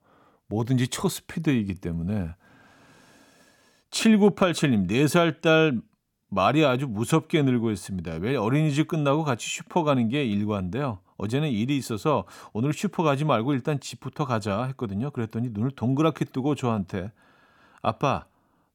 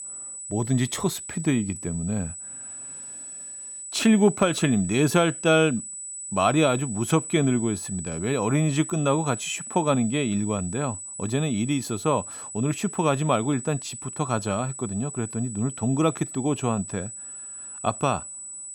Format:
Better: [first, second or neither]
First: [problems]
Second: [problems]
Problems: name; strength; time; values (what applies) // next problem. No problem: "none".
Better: first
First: none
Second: high-pitched whine; loud; throughout; 8 kHz, 9 dB below the speech